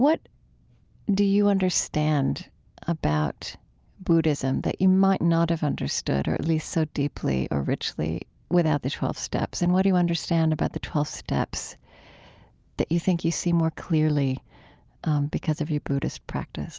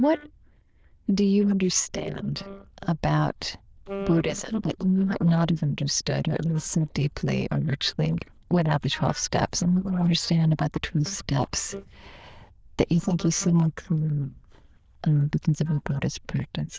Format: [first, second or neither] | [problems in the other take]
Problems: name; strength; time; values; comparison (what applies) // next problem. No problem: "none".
first | noise reduction (neural diffusion model UNIVERSE++)